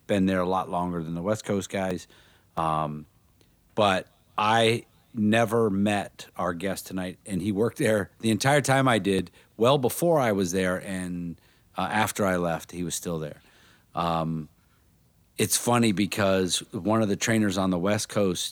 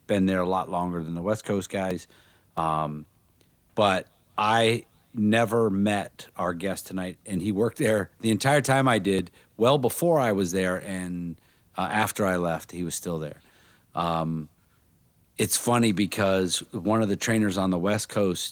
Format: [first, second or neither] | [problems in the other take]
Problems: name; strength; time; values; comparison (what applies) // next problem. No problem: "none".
first | garbled, watery; slightly